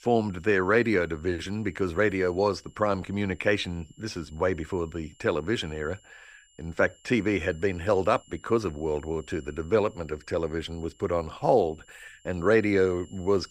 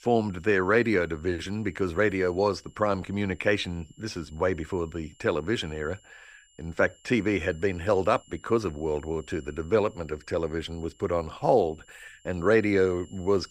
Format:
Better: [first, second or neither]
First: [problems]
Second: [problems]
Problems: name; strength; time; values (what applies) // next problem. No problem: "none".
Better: neither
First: high-pitched whine; faint; throughout; 3 kHz, 30 dB below the speech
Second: high-pitched whine; faint; throughout; 3 kHz, 30 dB below the speech